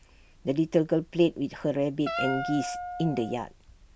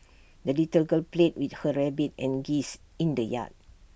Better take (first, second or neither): second